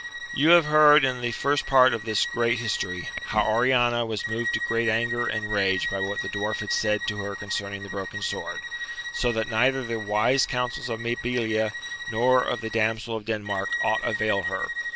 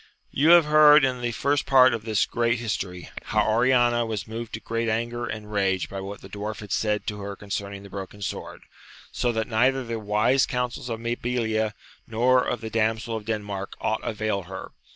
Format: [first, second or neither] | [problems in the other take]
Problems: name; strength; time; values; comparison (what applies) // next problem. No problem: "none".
second | background sound (Bowed string instrument); 7 dB below the speech